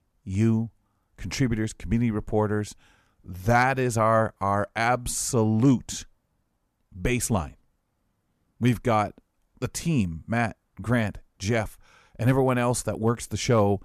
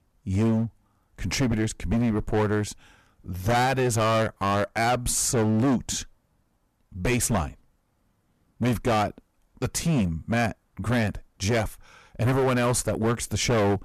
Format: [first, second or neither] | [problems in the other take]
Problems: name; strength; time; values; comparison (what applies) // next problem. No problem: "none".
first | distortion; heavy; 14% of the sound clipped